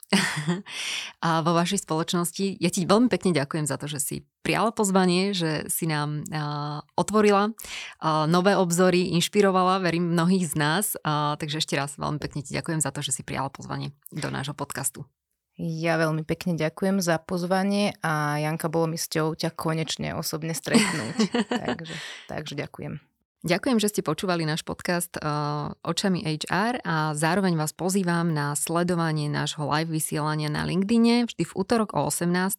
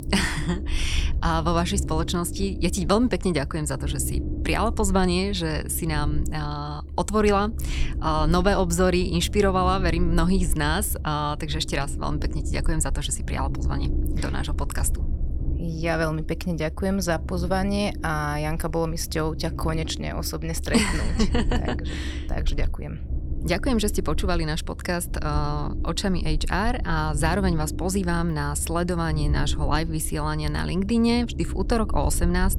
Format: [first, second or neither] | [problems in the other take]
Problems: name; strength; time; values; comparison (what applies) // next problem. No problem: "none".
first | low rumble; noticeable; throughout; 15 dB below the speech